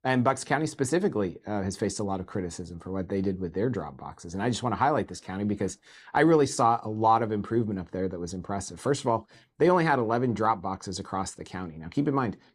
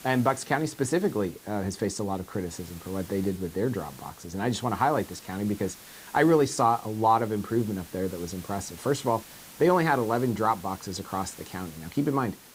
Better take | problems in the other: first | hiss; noticeable; throughout; 20 dB below the speech

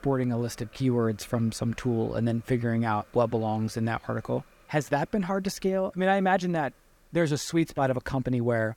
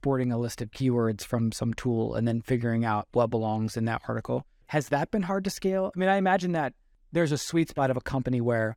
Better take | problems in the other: second | hiss; faint; throughout; 30 dB below the speech

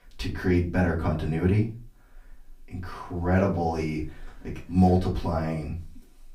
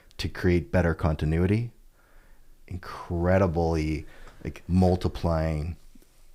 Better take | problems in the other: second | off-mic speech; far // room echo; very slight; dies away in 0.3 s

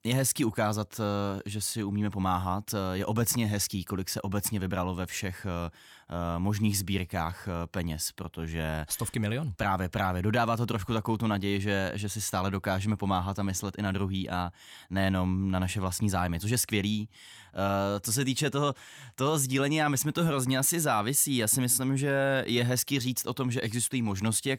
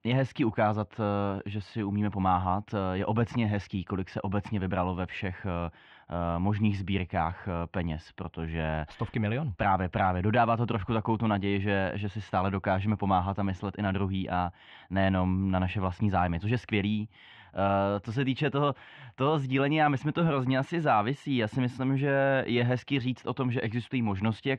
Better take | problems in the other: first | muffled; very; fading above 3 kHz

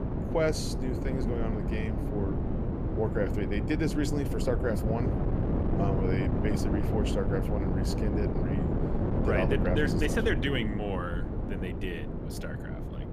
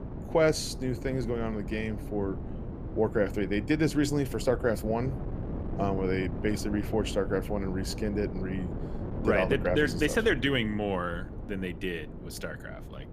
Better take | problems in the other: second | wind noise on the microphone; heavy; 3 dB below the speech; occasional gusts in the second

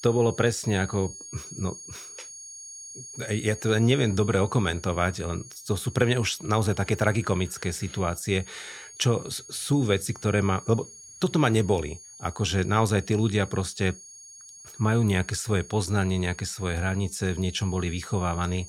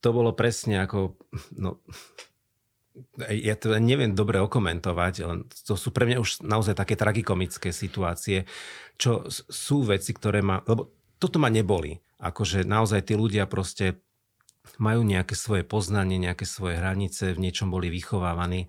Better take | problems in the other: second | high-pitched whine; noticeable; throughout; 6.5 kHz, 15 dB below the speech

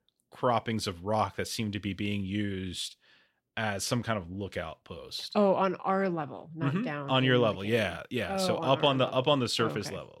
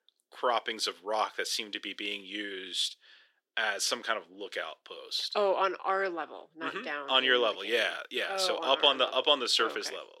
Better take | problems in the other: first | thin; very; fading below 350 Hz

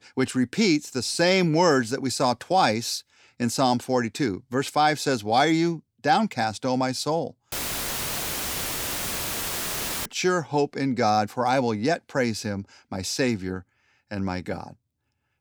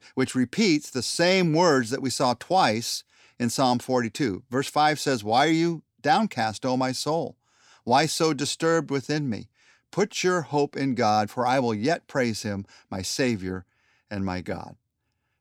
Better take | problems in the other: second | audio cutting out; filled with static; at 7.5 s for 2.5 s

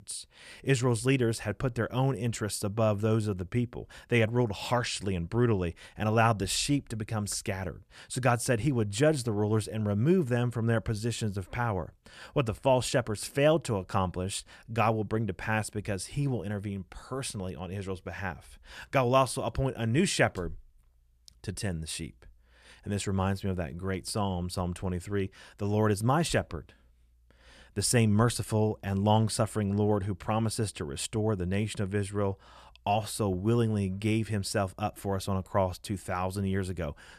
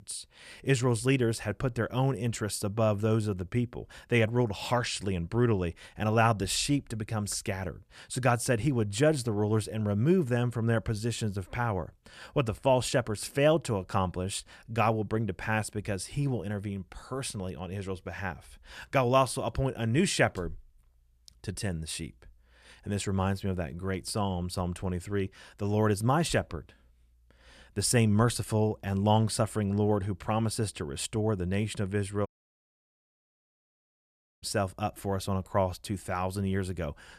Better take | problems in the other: first | audio cutting out; at 32 s for 2 s

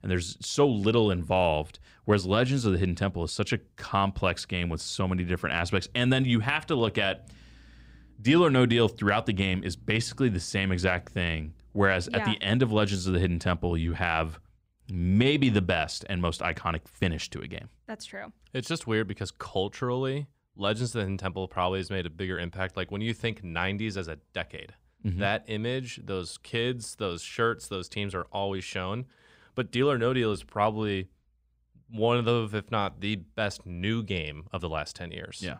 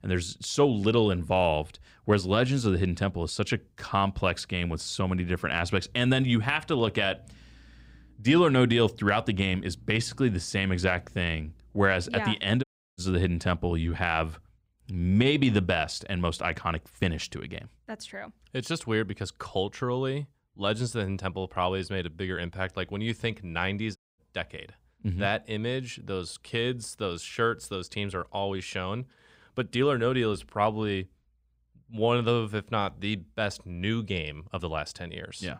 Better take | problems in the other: first | audio cutting out; at 13 s and at 24 s

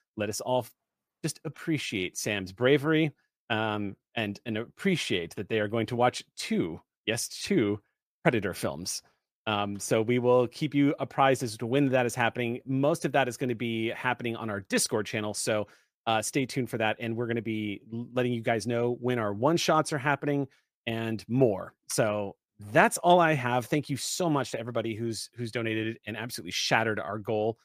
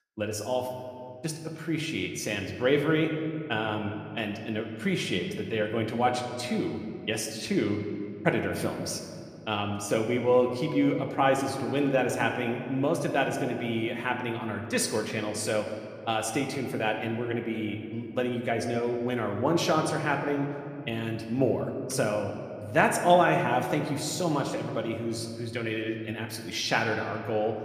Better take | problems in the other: first | room echo; slight; dies away in 1.9 s

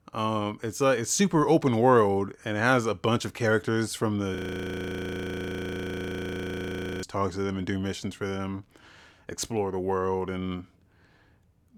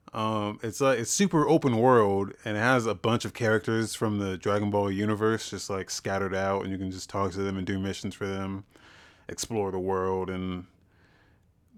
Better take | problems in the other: second | audio freezing; at 4.5 s for 2.5 s

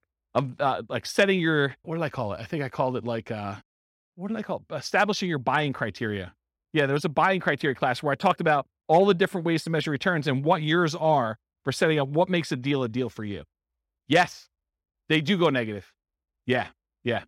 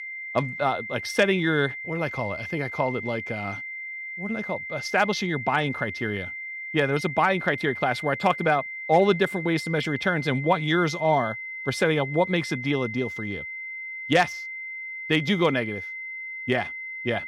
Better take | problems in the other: first | high-pitched whine; loud; throughout; 2 kHz, 8 dB below the speech

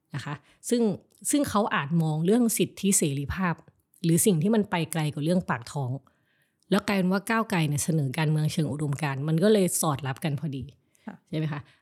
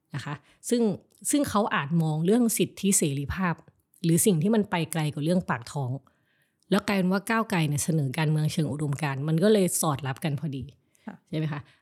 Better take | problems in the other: neither | none

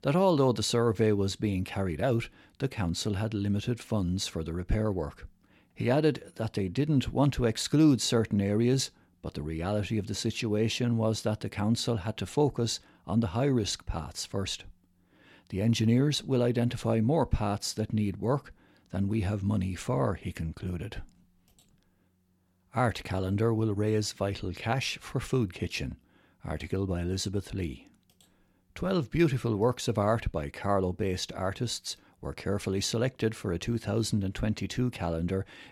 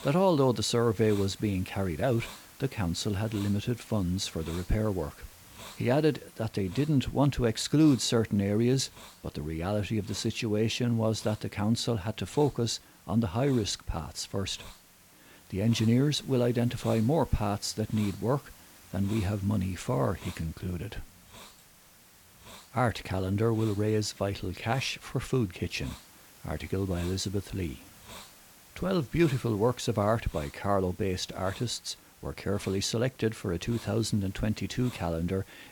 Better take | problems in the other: first | hiss; faint; throughout; 20 dB below the speech

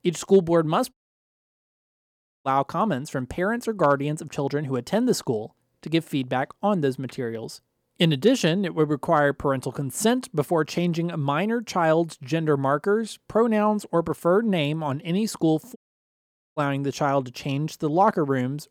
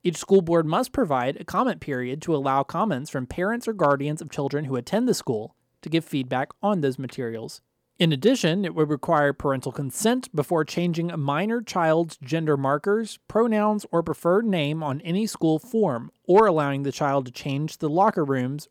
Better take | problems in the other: second | audio cutting out; at 1 s for 1.5 s and at 16 s for 1 s

